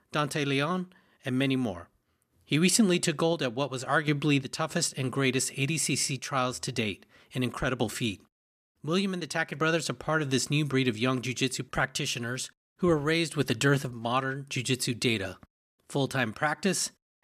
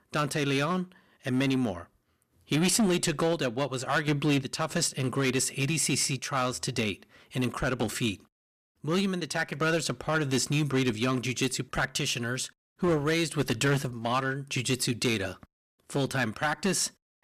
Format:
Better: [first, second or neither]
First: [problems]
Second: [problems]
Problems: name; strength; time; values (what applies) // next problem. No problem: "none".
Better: first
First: none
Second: distortion; slight; 5% of the sound clipped